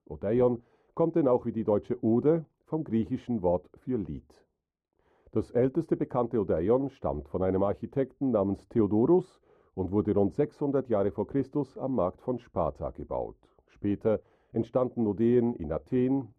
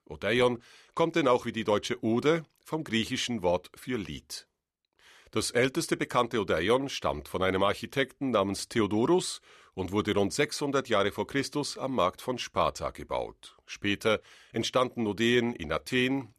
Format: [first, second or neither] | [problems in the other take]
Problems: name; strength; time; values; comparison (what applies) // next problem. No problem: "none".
second | muffled; very; fading above 1.5 kHz